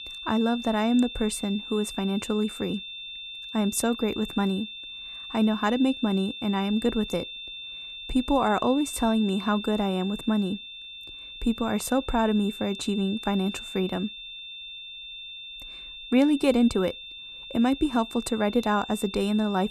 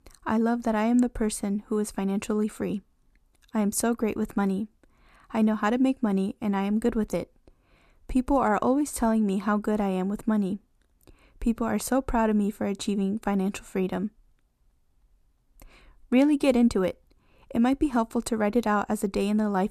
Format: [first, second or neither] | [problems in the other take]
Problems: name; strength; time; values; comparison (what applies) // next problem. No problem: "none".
second | high-pitched whine; noticeable; throughout; 3.5 kHz, 10 dB below the speech